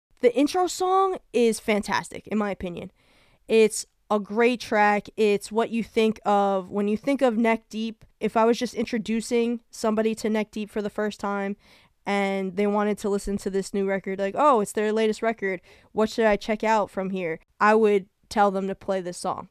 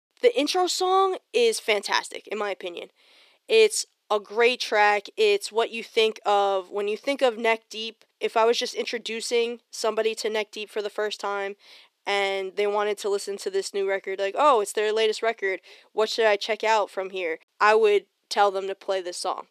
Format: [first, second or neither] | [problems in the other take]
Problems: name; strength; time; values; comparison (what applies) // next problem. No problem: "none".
first | thin; somewhat; fading below 350 Hz